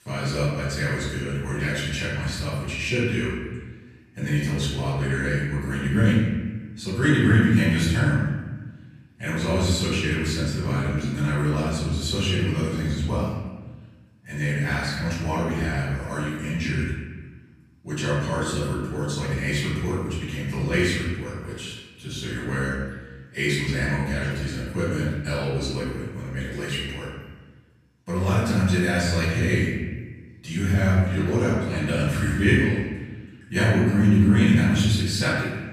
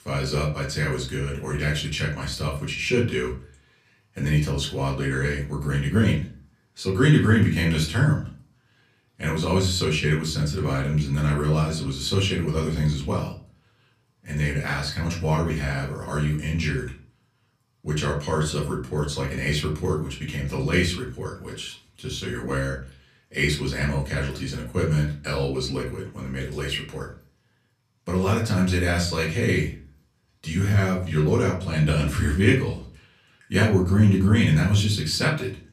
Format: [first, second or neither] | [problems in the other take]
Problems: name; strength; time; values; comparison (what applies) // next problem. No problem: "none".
second | room echo; strong; dies away in 1.2 s; slight in the second // off-mic speech; far; far in the second